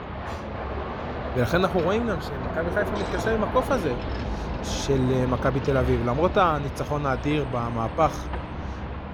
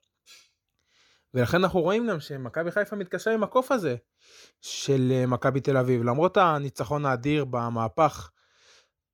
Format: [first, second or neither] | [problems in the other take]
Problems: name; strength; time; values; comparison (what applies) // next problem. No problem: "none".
second | traffic noise; loud; throughout; 6 dB below the speech